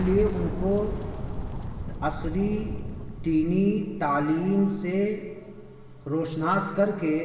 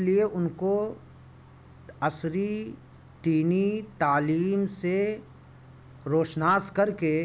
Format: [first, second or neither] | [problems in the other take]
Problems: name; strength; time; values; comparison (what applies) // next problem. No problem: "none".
second | background sound (Boom); 8 dB below the speech // room echo; dies away in 1.9 s